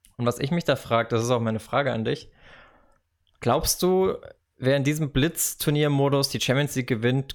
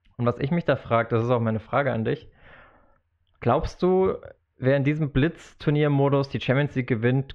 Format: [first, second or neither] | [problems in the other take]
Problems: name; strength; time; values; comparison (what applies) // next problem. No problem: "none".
first | muffled; very; fading above 2.5 kHz